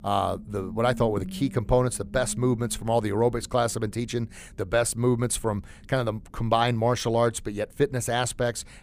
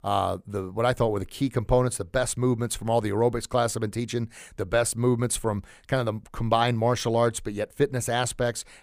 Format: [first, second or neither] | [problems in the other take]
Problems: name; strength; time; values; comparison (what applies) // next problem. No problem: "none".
second | low rumble; faint; throughout; 20 dB below the speech